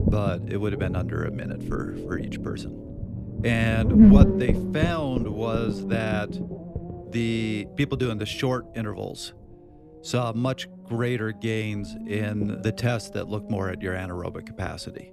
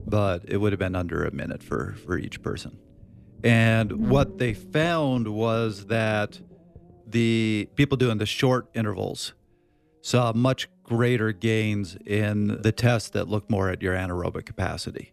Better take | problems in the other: second | low rumble; loud; throughout; 1 dB below the speech; faint in the second

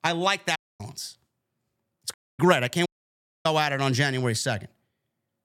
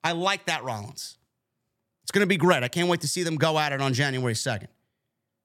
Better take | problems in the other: second | audio cutting out; at 0.5 s, at 2 s and at 3 s for 0.5 s

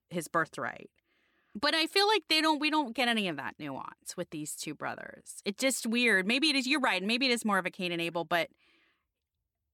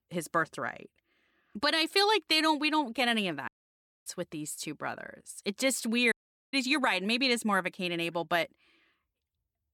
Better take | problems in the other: first | audio cutting out; at 3.5 s for 0.5 s and at 6 s

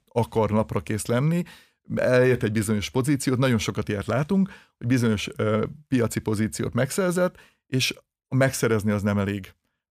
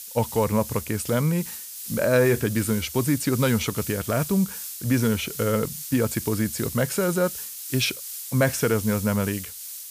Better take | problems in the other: first | hiss; loud; throughout; 9 dB below the speech

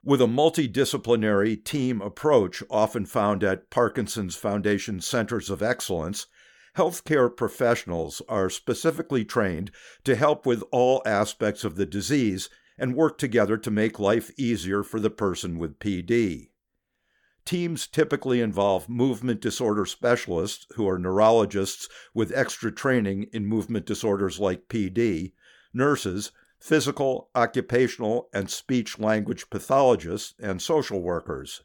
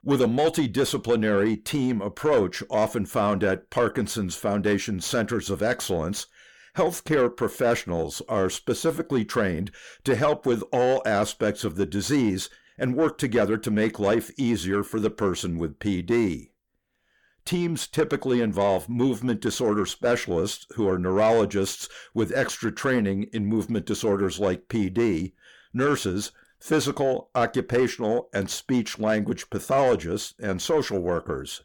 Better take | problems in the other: first | distortion; slight; 10 dB below the speech

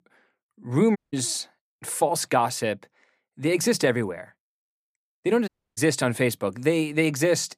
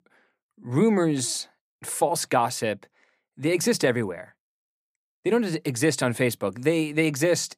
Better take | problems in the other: second | audio cutting out; at 1 s and at 5.5 s

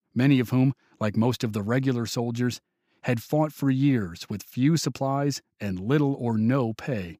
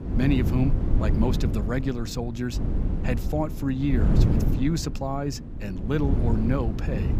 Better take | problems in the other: first | wind noise on the microphone; heavy; 5 dB below the speech

